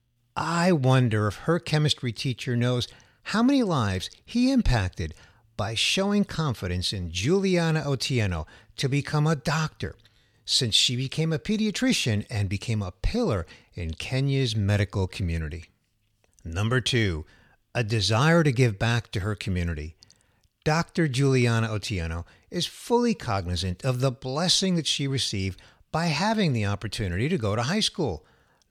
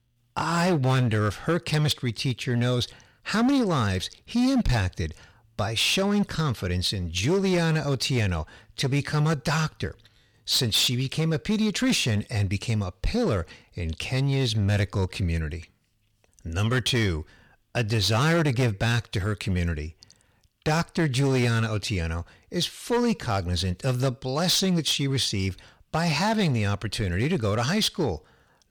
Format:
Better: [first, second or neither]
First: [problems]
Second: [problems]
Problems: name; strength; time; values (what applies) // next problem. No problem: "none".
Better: first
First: none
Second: distortion; slight; 8% of the sound clipped